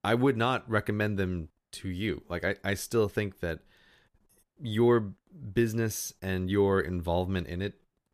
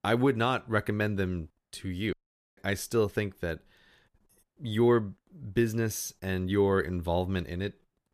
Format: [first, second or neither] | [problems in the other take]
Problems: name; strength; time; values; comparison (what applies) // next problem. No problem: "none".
first | audio cutting out; at 2 s